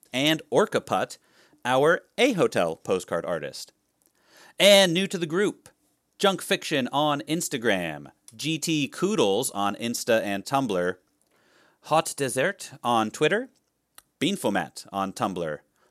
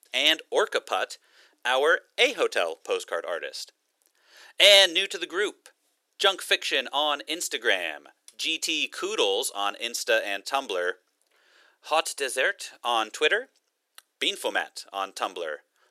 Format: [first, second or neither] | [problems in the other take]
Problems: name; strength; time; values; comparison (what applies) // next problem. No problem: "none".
first | thin; very; fading below 400 Hz